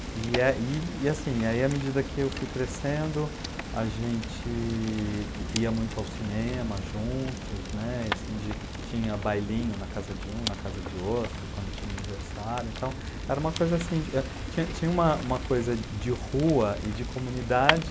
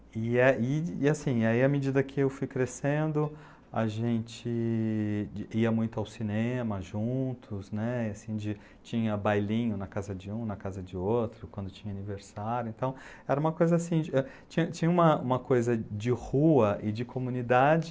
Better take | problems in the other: second | background sound (Fire); 5 dB below the speech

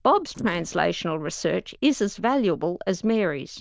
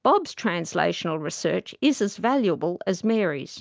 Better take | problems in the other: second | noise reduction (neural diffusion model UNIVERSE++)

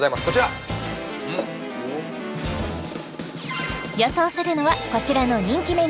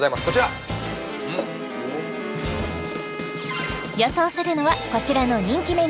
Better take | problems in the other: first | background sound (Wind instrument, woodwind instrument); 14 dB below the speech

